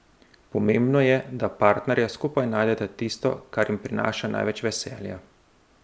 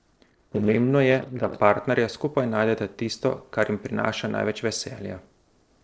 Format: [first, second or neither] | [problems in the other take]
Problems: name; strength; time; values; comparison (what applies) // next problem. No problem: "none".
first | noise reduction (neural separator model SepFormer DNS4)